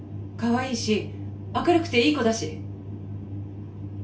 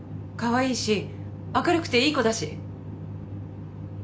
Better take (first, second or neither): second